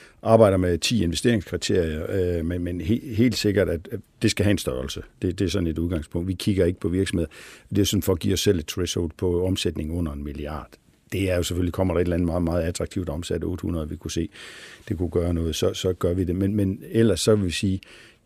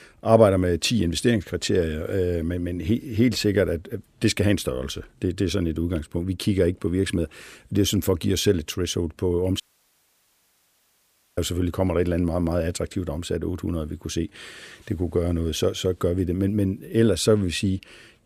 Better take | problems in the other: first | audio cutting out; at 9.5 s for 2 s

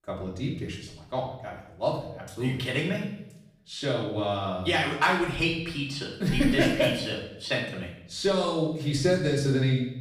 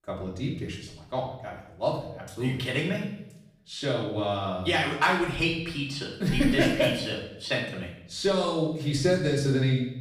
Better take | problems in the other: neither | off-mic speech; far; the same in both // room echo; noticeable; dies away in 0.7 s; the same in both

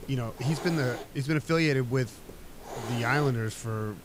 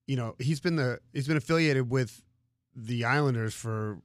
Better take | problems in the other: second | hiss; noticeable; throughout; 15 dB below the speech

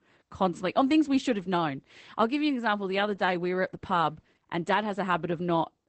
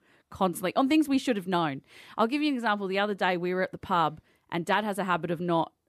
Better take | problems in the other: second | garbled, watery; badly; nothing above 8 kHz

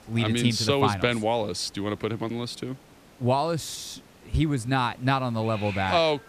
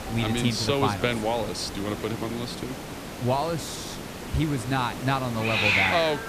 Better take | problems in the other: first | hiss; loud; throughout; 3 dB below the speech; faint in the first

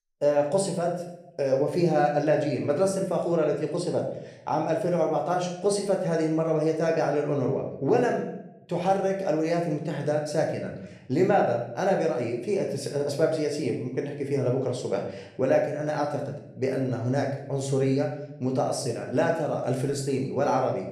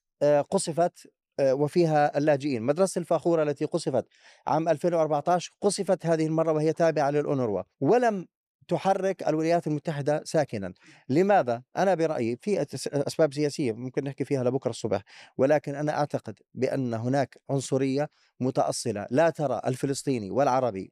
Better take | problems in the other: second | room echo; noticeable; dies away in 0.7 s // off-mic speech; somewhat distant

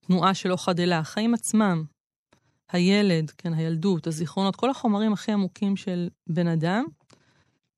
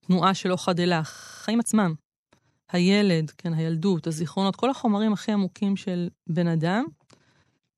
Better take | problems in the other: first | audio freezing; at 1 s

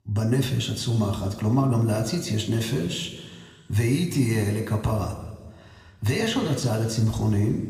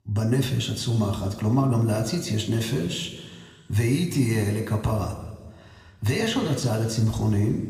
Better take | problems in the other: neither | room echo; slight; dies away in 1.5 s; the same in both

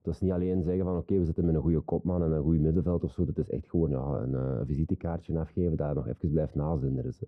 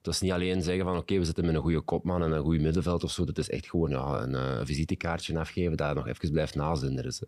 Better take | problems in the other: second | muffled; very; fading above 1.5 kHz

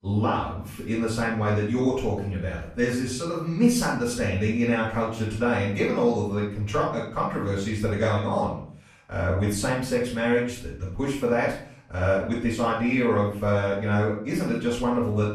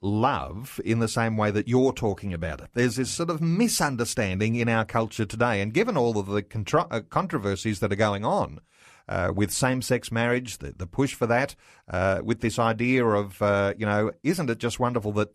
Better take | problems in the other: second | off-mic speech; far // room echo; noticeable; dies away in 0.5 s

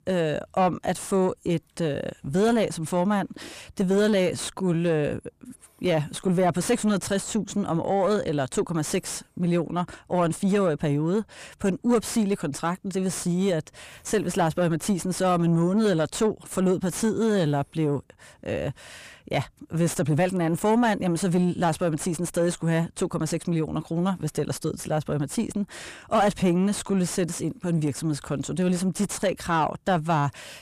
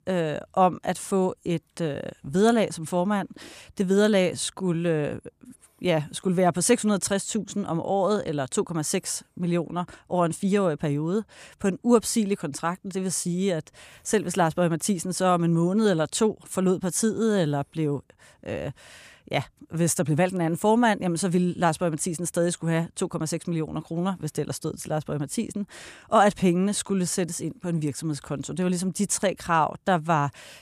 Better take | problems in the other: second | distortion; slight; 10 dB below the speech

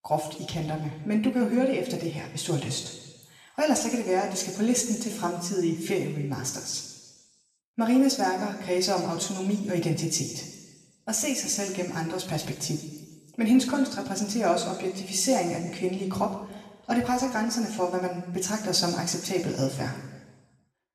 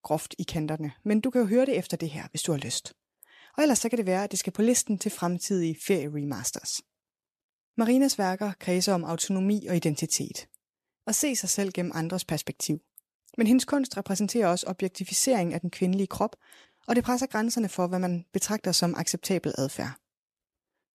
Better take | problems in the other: second | room echo; noticeable; dies away in 1.3 s // off-mic speech; somewhat distant

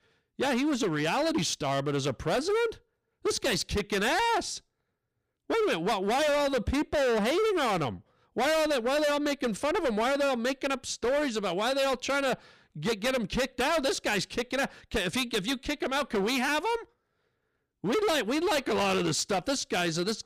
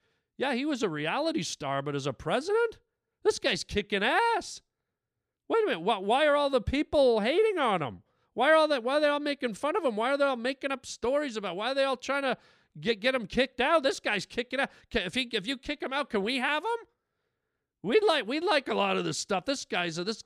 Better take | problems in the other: second | distortion; heavy; 22% of the sound clipped

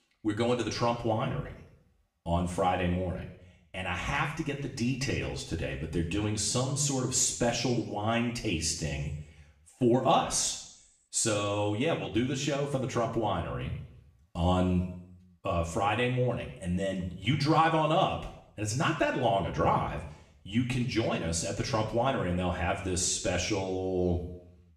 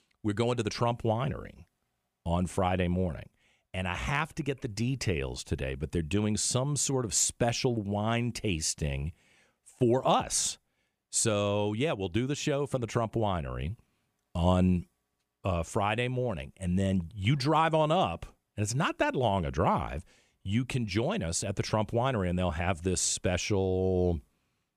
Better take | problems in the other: second | room echo; slight; dies away in 0.6 s // off-mic speech; somewhat distant

